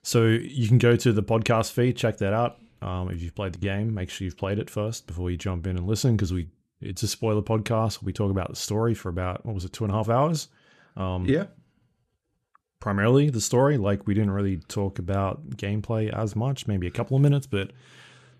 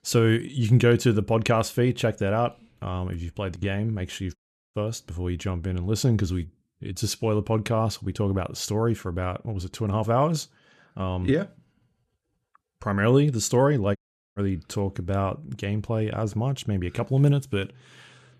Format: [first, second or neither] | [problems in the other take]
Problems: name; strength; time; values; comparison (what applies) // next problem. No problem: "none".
first | audio cutting out; at 4.5 s and at 14 s